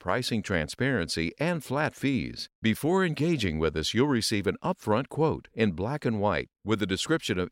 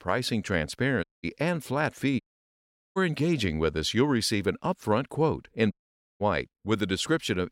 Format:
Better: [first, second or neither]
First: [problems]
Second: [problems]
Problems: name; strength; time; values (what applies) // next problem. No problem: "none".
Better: first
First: none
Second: audio cutting out; at 1 s, at 2 s for 1 s and at 5.5 s